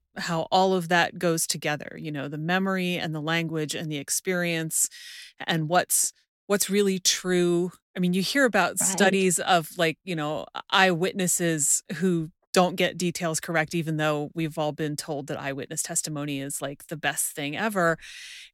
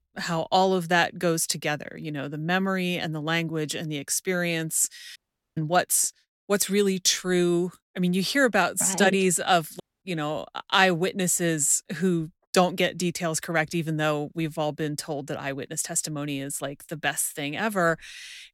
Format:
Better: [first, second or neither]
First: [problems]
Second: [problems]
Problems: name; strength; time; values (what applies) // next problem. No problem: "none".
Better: first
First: none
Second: audio cutting out; at 5 s and at 10 s